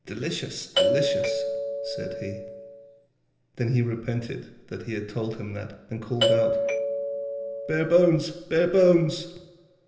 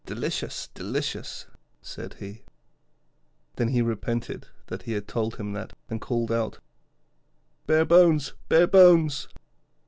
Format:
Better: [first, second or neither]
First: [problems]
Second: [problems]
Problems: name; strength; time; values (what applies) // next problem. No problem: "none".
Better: second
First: background sound (Doorbell); as loud as the speech // room echo; dies away in 0.8 s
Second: none